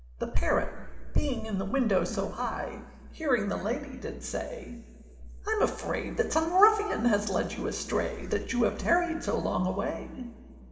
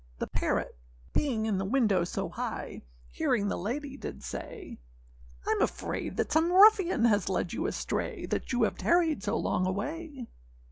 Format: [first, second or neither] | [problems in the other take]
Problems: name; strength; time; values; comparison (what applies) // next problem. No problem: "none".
second | room echo; dies away in 2.5 s